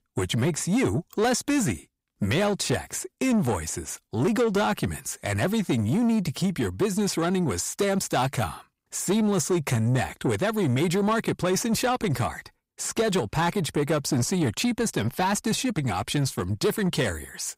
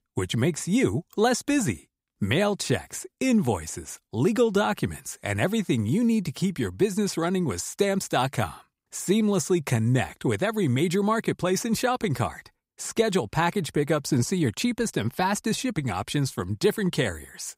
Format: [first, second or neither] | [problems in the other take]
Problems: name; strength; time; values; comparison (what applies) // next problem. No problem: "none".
second | distortion; slight; 10 dB below the speech